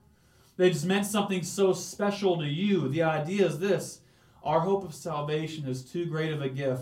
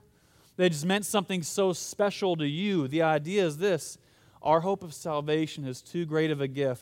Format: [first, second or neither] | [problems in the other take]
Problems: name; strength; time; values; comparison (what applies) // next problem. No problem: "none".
second | off-mic speech; far // room echo; very slight; dies away in 0.2 s